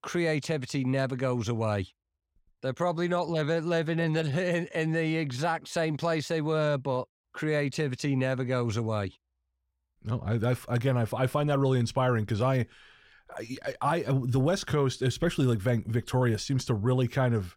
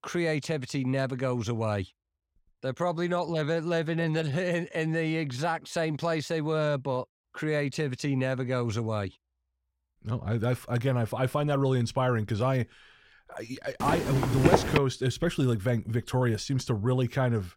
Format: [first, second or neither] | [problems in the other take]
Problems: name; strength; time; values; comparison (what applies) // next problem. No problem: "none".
first | footsteps; loud; at 14 s; peak 5 dB above the speech